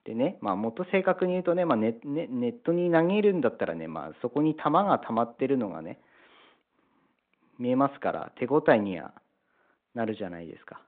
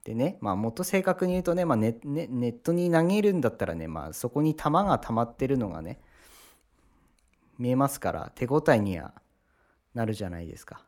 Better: second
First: phone-call audio; nothing above 4 kHz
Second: none

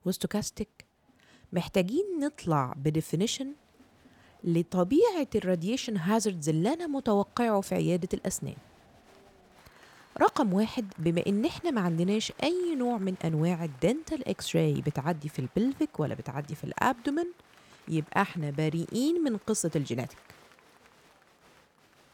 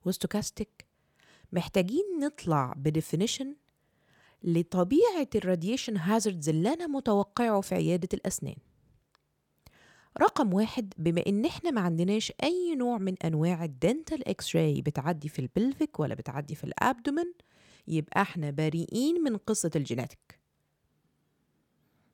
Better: second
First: crowd noise; faint; throughout; 30 dB below the speech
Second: none

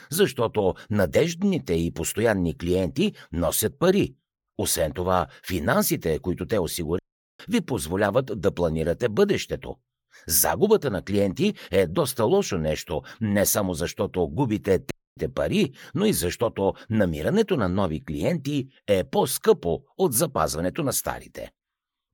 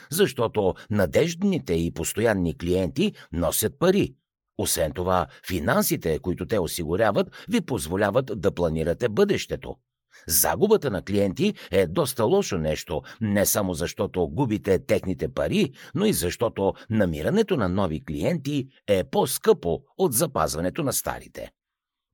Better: second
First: audio cutting out; at 7 s and at 15 s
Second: none

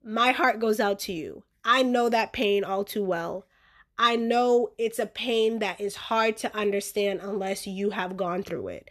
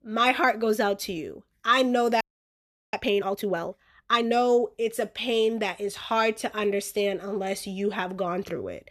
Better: first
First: none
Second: audio freezing; at 2 s for 0.5 s

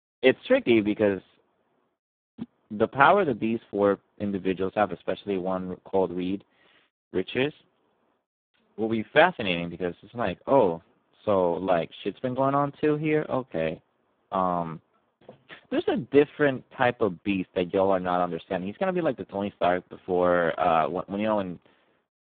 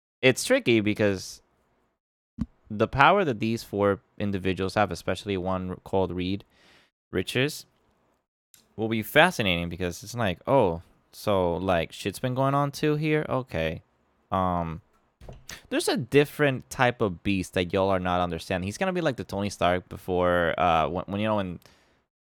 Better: second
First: phone-call audio; poor line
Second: none

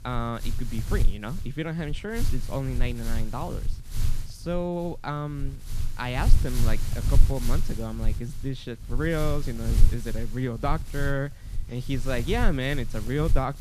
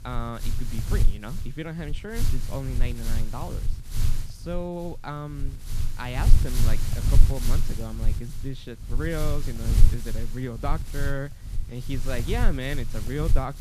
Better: first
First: wind noise on the microphone; occasional gusts; 10 dB below the speech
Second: wind noise on the microphone; heavy; 6 dB below the speech

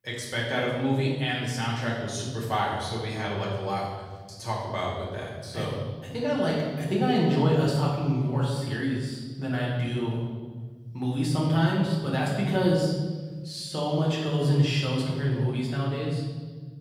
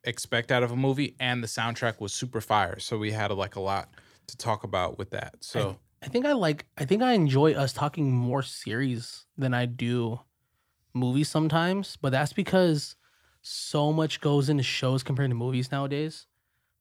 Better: second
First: off-mic speech; far // room echo; noticeable; dies away in 1.6 s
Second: none

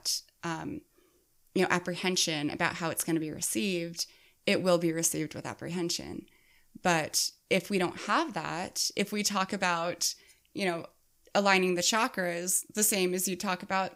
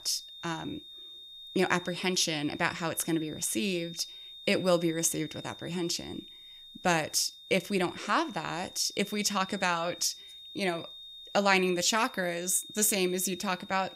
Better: first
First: none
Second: high-pitched whine; noticeable; throughout; 3.5 kHz, 15 dB below the speech

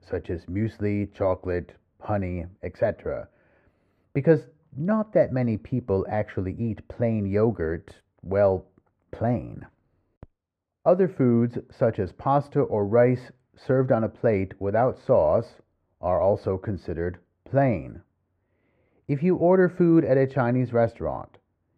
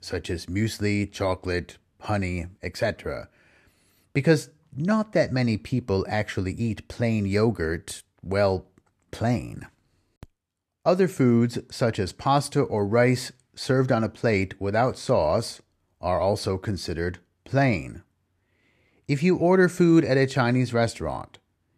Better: second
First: muffled; very; fading above 3 kHz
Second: none

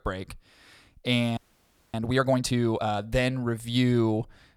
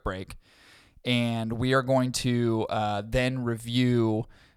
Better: second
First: audio freezing; at 1.5 s for 0.5 s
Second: none

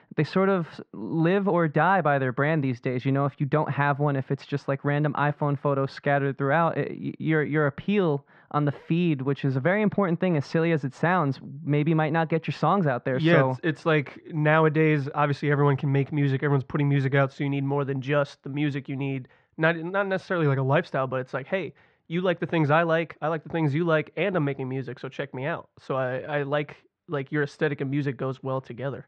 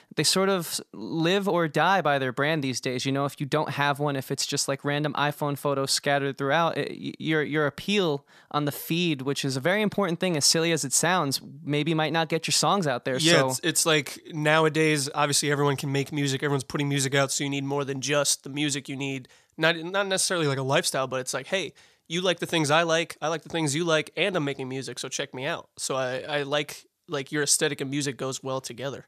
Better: second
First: muffled; very; fading above 2 kHz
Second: none

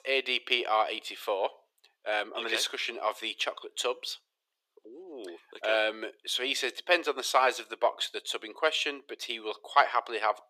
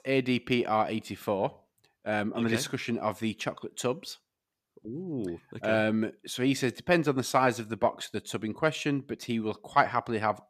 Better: second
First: thin; very; fading below 400 Hz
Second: none

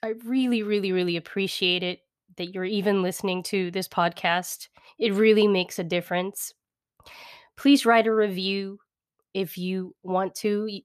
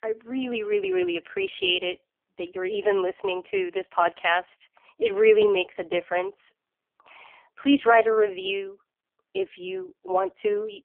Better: first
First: none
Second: phone-call audio; poor line; nothing above 3 kHz

